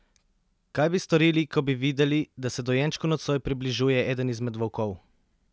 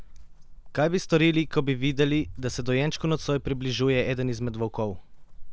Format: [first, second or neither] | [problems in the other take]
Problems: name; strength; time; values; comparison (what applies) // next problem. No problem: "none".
first | background sound (Walk, footsteps); 11 dB below the speech